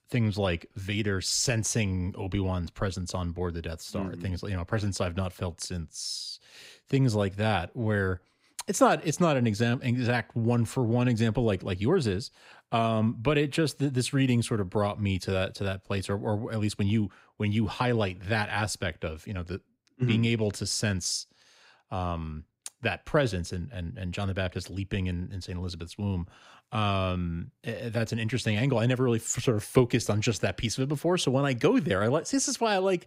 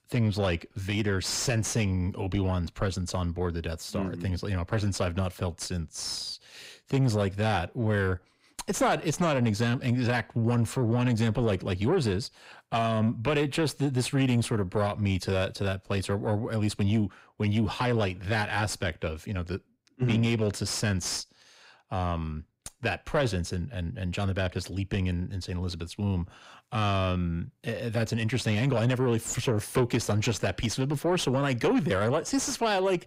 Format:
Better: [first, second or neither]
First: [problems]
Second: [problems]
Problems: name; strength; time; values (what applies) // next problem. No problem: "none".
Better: first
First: none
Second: distortion; slight; 10 dB below the speech